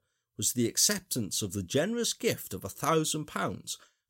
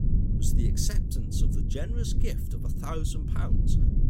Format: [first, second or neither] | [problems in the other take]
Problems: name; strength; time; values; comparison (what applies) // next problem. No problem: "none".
first | low rumble; loud; throughout; 3 dB below the speech